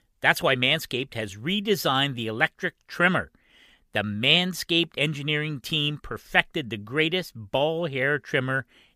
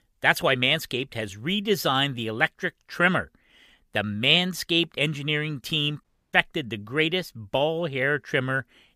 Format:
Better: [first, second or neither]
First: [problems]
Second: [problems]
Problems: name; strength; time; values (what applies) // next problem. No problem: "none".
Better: first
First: none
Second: audio cutting out; at 6 s